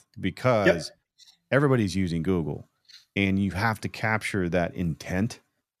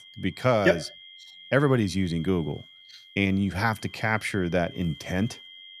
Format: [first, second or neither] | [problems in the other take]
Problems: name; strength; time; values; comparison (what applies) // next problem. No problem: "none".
first | high-pitched whine; noticeable; throughout; 3.5 kHz, 20 dB below the speech